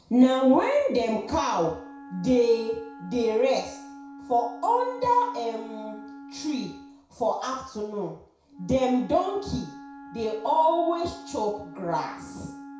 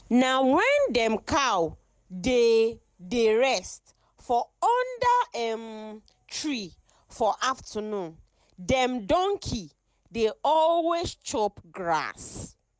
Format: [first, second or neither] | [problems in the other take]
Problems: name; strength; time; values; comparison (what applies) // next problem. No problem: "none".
second | background sound (Wind instrument, woodwind instrument); 18 dB below the speech // room echo; dies away in 0.6 s